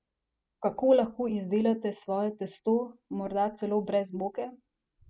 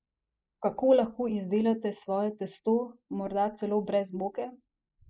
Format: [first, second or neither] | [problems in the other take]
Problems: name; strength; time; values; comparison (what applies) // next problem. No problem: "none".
first | noise reduction (neural mask model Resemble Enhance denoiser)